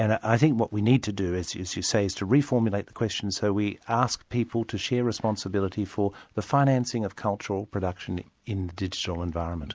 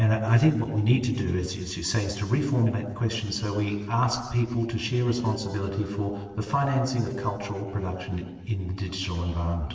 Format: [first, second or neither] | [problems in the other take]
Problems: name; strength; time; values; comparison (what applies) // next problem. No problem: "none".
first | noise reduction (neural separator model SepFormer DNS4)